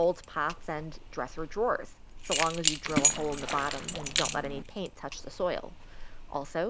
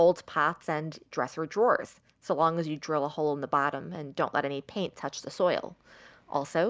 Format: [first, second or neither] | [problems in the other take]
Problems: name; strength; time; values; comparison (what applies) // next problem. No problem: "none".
second | background sound (Keys jangling + Splash, splatter); 1 dB below the speech